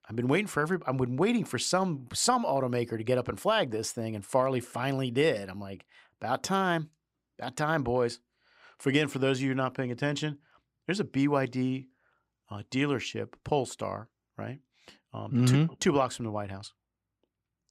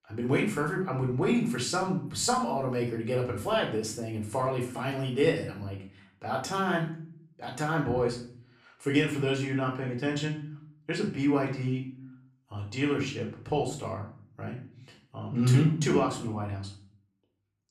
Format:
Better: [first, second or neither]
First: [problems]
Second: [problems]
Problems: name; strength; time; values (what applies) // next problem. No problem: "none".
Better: first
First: none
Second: room echo; slight; dies away in 0.5 s // off-mic speech; far